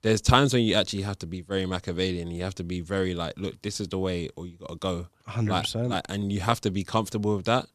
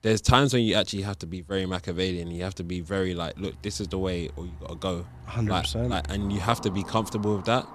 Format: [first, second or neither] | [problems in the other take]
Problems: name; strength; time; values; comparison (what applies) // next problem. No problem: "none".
first | traffic noise; noticeable; throughout; 15 dB below the speech